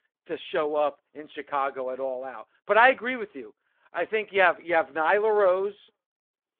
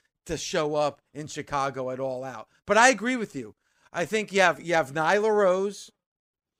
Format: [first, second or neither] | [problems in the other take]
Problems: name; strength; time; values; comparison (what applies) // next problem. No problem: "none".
second | phone-call audio